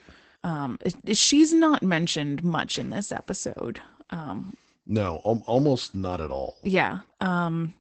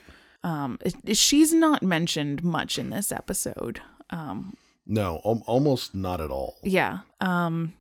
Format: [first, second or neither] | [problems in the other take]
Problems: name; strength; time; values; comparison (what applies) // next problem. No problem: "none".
second | garbled, watery; badly; nothing above 8 kHz